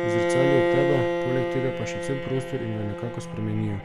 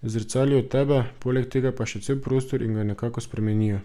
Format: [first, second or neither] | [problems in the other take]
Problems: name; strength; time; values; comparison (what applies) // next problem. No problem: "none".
second | background sound (Bowed string instrument); 2 dB above the speech